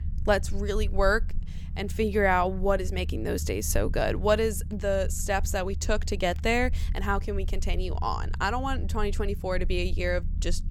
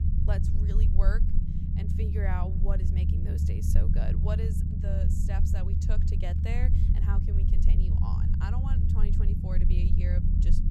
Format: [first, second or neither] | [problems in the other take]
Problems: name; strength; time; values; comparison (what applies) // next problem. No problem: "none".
first | low rumble; loud; throughout; as loud as the speech; faint in the first